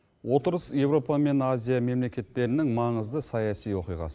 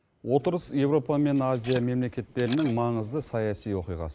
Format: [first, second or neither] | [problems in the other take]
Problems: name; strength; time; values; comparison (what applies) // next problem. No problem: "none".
first | noise reduction (neural mask model Resemble Enhance denoiser)